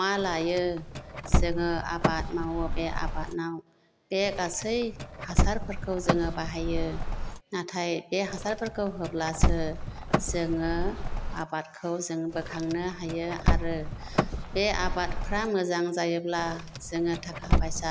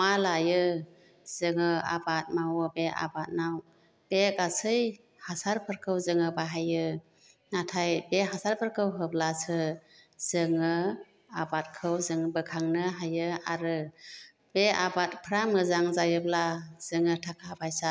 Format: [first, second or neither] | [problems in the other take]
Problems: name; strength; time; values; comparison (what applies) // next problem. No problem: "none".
second | background sound (Car); 1 dB above the speech